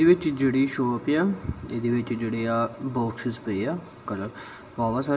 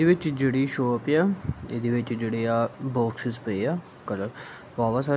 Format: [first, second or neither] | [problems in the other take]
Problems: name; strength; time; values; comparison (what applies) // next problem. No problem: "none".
second | room echo; dies away in 1.8 s